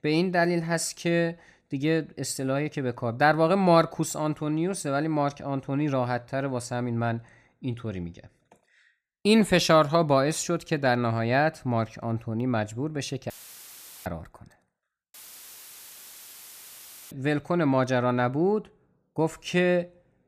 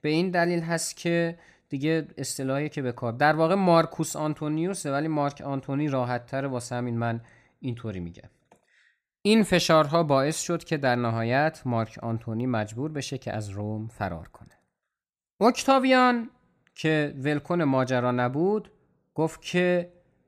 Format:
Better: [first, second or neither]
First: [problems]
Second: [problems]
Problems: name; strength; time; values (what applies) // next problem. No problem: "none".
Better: second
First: audio cutting out; filled with static; at 13 s for 1 s and at 15 s for 2 s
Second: none